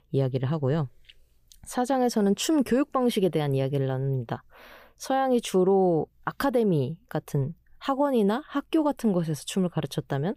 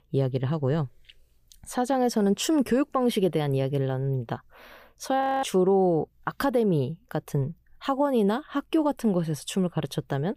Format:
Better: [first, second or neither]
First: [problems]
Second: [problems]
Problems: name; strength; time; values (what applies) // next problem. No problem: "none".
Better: first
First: none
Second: audio freezing; at 5 s